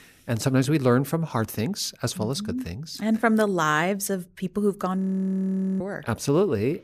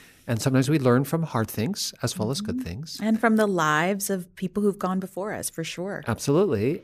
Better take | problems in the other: second | audio freezing; at 5 s for 1 s

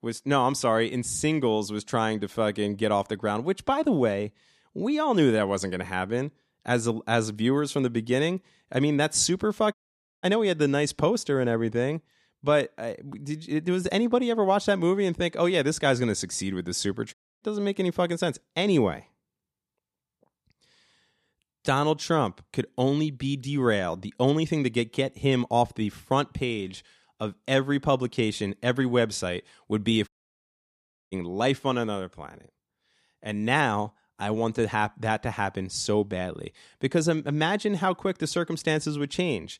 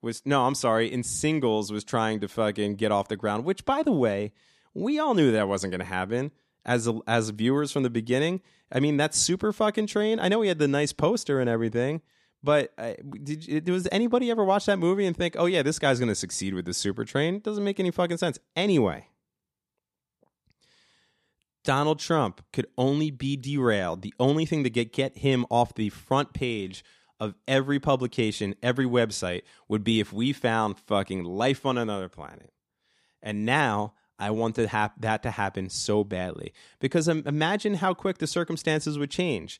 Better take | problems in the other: second | audio cutting out; at 9.5 s, at 17 s and at 30 s for 1 s

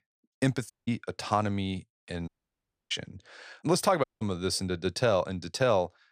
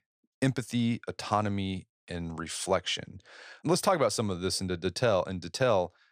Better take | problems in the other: second | audio cutting out; at 0.5 s, at 2.5 s for 0.5 s and at 4 s

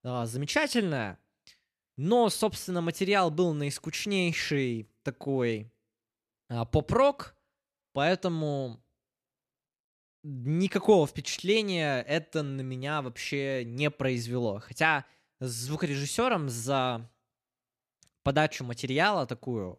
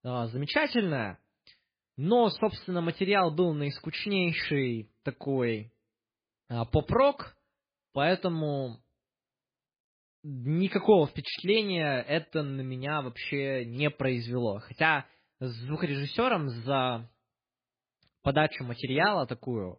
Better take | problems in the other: first | garbled, watery; badly; nothing above 4 kHz

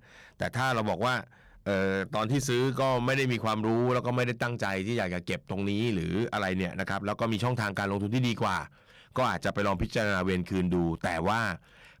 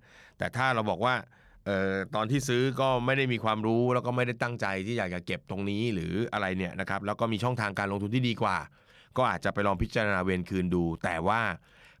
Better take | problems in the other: second | distortion; slight; 7% of the sound clipped

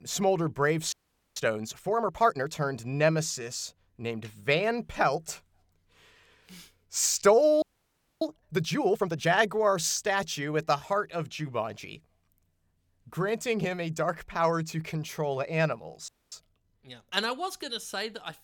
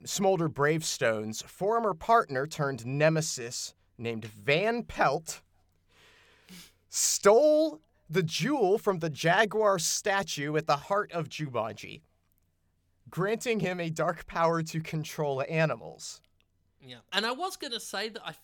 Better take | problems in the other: second | audio freezing; at 1 s, at 7.5 s for 0.5 s and at 16 s

